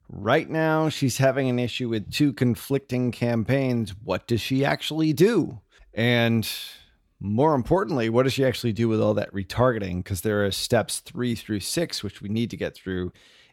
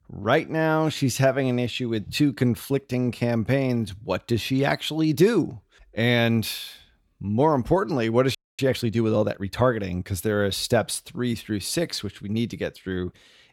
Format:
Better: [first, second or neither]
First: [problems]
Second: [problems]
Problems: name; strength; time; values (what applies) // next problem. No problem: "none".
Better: first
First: none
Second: audio freezing; at 8.5 s